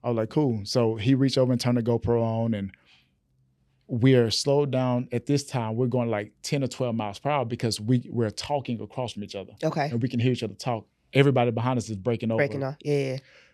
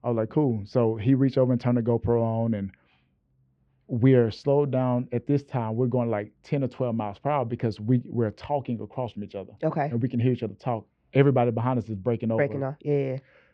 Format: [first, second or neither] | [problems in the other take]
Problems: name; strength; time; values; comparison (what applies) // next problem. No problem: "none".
first | muffled; very; fading above 1.5 kHz